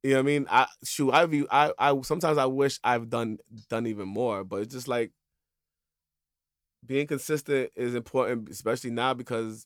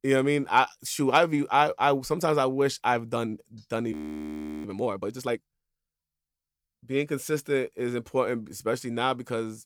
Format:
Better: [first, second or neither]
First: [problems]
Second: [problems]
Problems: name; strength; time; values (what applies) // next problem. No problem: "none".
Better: first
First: none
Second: audio freezing; at 4 s for 0.5 s